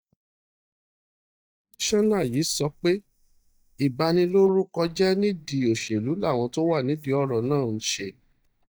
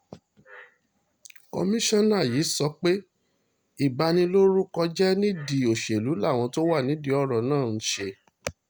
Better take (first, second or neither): second